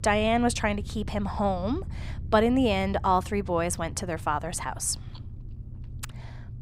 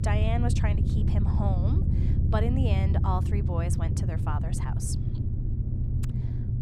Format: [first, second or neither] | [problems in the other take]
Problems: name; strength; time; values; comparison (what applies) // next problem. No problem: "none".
first | low rumble; loud; throughout; 4 dB below the speech; faint in the first